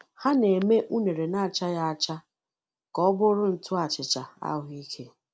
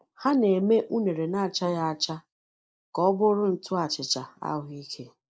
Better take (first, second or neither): first